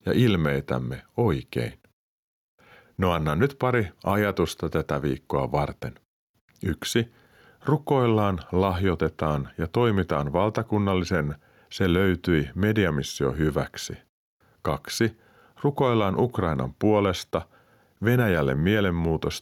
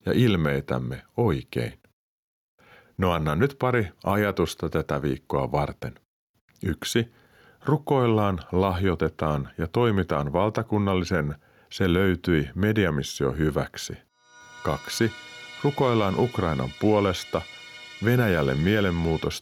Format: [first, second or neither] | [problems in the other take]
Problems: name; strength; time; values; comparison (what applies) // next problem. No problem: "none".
first | background music; noticeable; from 14 s on; 15 dB below the speech